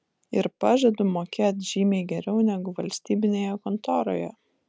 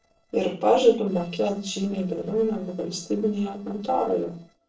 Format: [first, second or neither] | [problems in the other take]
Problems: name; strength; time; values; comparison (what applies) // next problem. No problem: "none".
first | noise reduction (neural separator model SepFormer DNS4)